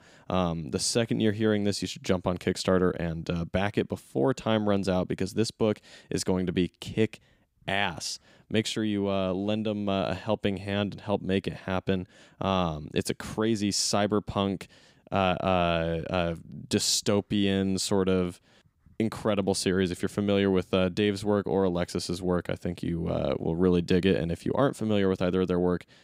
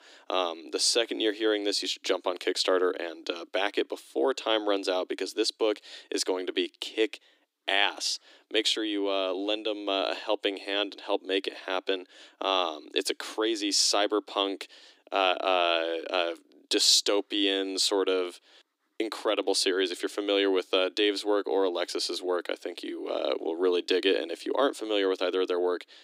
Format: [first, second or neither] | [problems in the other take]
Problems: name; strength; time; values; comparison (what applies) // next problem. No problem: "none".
first | thin; somewhat; fading below 300 Hz